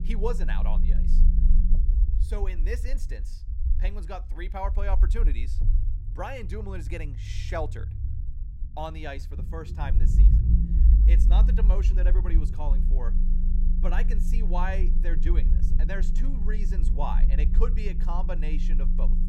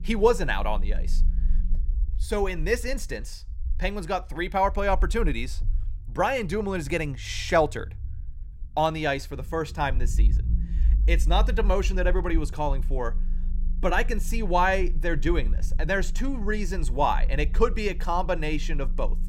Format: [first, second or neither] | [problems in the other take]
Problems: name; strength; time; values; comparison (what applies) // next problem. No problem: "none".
second | low rumble; loud; throughout; 8 dB below the speech; faint in the second